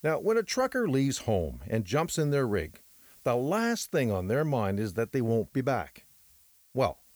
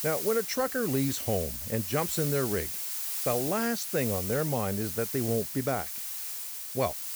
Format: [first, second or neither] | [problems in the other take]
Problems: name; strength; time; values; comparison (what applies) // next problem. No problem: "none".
first | hiss; loud; throughout; 2 dB below the speech; faint in the first